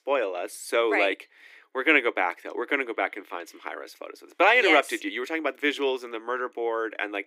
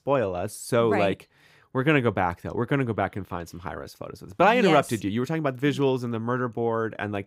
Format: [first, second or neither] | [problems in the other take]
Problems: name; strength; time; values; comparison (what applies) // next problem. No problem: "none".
second | thin; somewhat; fading below 300 Hz